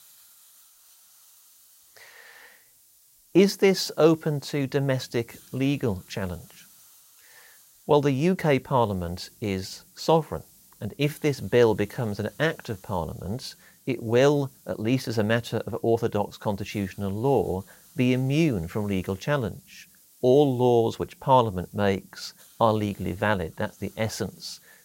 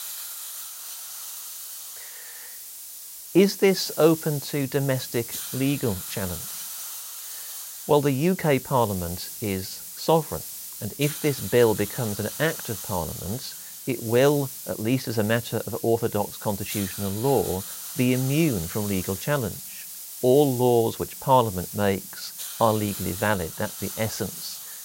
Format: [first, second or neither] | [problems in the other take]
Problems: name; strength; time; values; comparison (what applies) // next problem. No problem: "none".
first | hiss; loud; throughout; 9 dB below the speech; faint in the first